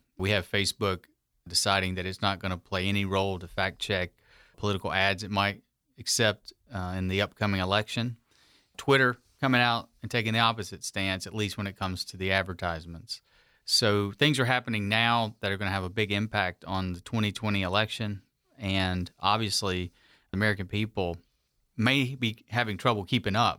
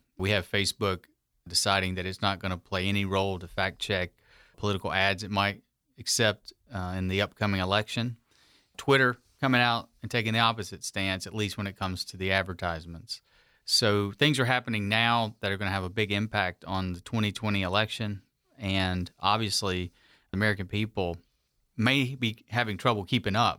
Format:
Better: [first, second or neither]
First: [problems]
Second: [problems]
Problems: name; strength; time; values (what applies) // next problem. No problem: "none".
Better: neither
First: none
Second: none